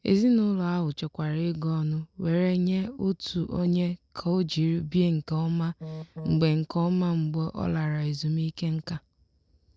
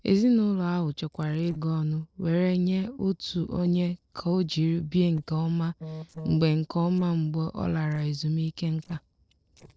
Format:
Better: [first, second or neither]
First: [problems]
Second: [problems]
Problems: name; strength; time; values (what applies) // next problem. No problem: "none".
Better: first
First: none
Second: noise reduction (neural separator model SepFormer DNS4)